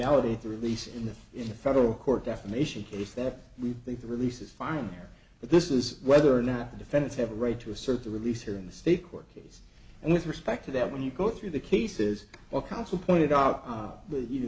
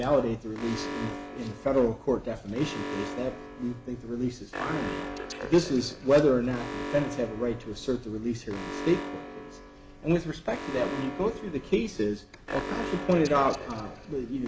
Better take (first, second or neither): first